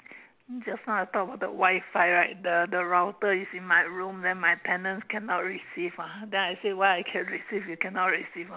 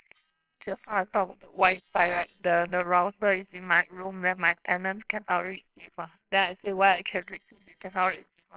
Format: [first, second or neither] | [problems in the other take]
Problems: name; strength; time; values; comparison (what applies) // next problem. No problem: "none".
first | noise reduction (neural separator model SepFormer WHAMR!)